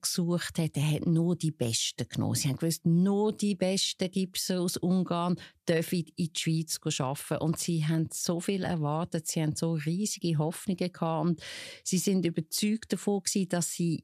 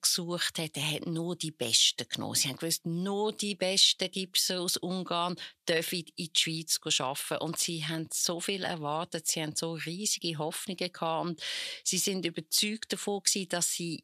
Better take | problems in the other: first | thin; somewhat; fading below 700 Hz

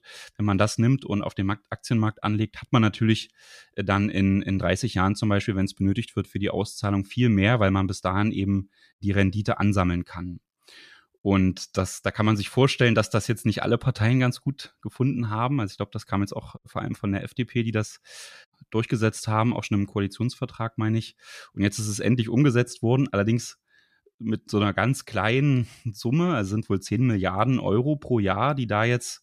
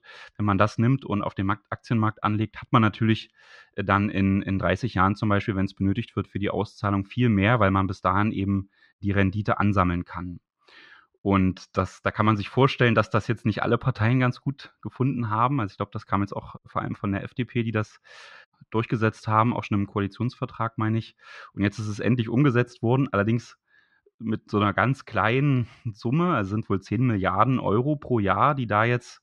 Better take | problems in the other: first | muffled; slightly; fading above 3.5 kHz

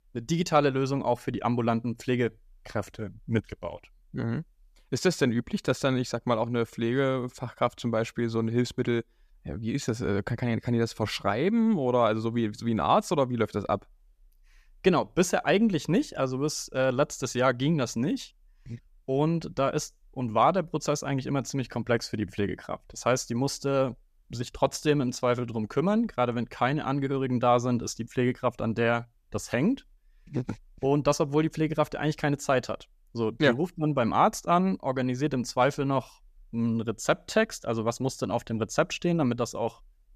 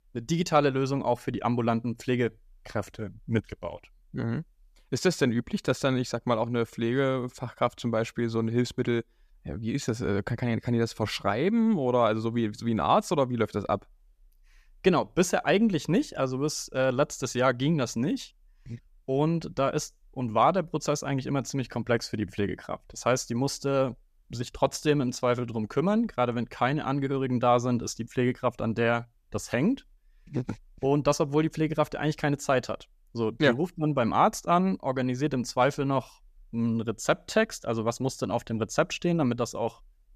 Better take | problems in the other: neither | none

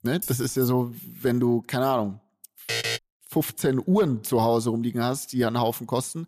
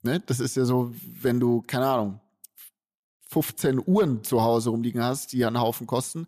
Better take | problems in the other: second | jangling keys; noticeable; at the start; peak 8 dB below the speech // alarm; noticeable; at 2.5 s; peak 1 dB below the speech

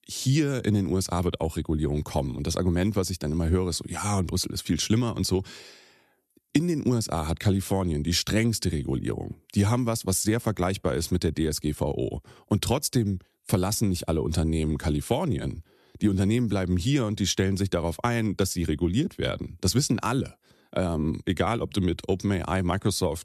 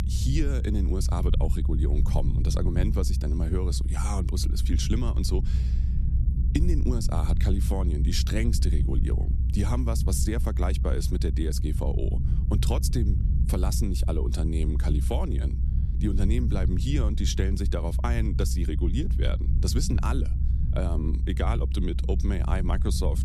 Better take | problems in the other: first | low rumble; loud; throughout; 8 dB below the speech

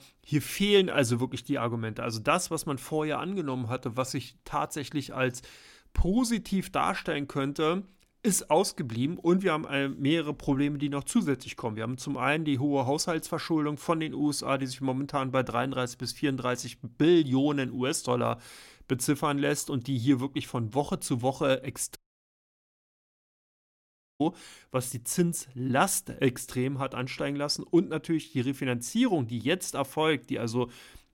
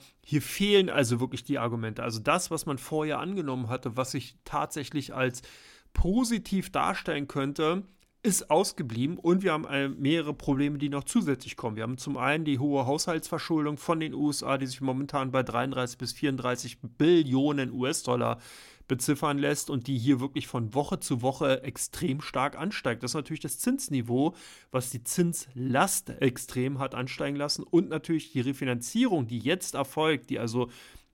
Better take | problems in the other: second | audio cutting out; at 22 s for 2 s

